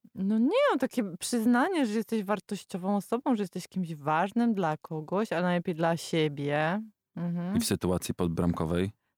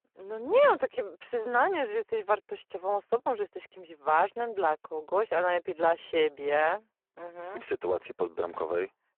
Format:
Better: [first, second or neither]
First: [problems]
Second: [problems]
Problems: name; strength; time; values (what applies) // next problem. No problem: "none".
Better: first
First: none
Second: phone-call audio; poor line